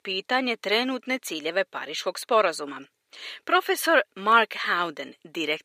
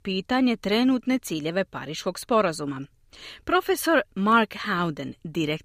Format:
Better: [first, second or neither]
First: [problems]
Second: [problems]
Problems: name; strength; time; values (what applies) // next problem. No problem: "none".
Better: second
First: thin; somewhat; fading below 500 Hz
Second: none